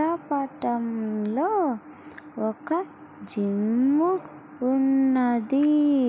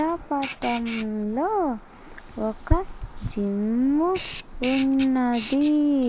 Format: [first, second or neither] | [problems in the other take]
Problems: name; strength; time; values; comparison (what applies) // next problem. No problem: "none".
first | noise reduction (neural mask model Resemble Enhance denoiser)